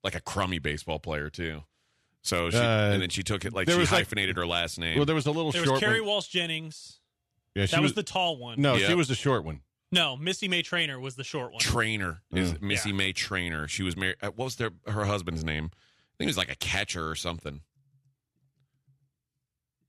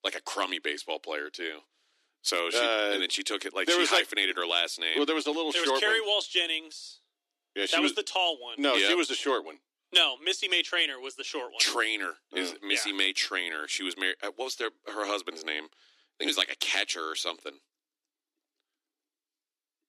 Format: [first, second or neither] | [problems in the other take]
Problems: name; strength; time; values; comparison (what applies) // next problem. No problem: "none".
first | thin; somewhat; fading below 300 Hz